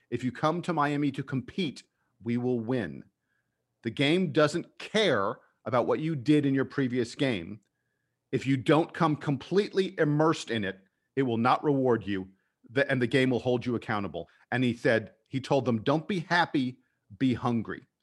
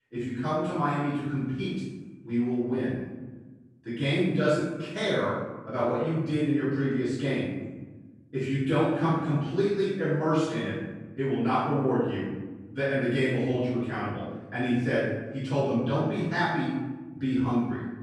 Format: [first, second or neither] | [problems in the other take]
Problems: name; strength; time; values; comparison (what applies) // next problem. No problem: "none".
first | room echo; strong; dies away in 1.1 s // off-mic speech; far